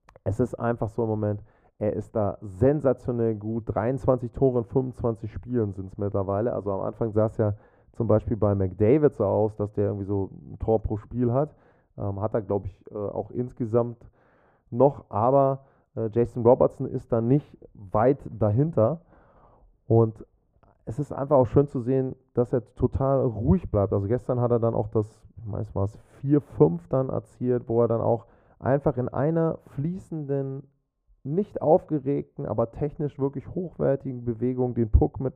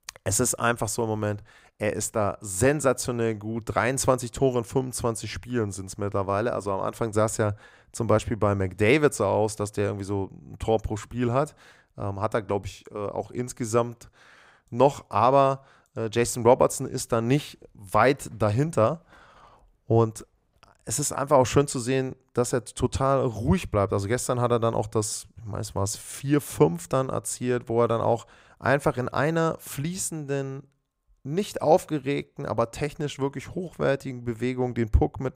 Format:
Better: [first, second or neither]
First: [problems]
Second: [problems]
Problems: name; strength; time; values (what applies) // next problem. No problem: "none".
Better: second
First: muffled; very; fading above 2 kHz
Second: none